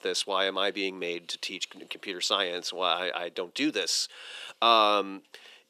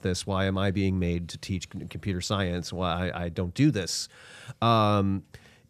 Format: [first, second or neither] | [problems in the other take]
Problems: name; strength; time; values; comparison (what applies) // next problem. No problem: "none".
second | thin; very; fading below 350 Hz